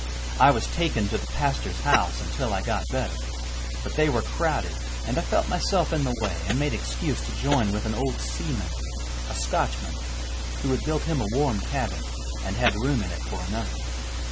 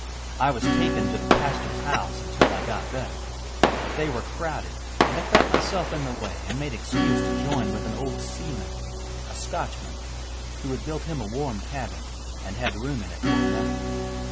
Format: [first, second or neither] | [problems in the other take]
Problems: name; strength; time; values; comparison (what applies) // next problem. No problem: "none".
first | background sound (Acoustic guitar / Strum + Fireworks); 1 dB above the speech